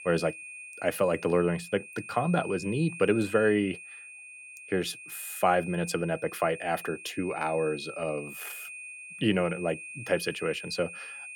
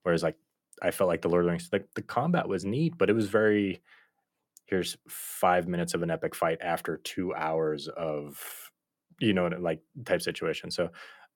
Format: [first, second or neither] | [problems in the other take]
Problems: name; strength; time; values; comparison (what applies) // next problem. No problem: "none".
second | high-pitched whine; noticeable; throughout; 2.5 kHz, 10 dB below the speech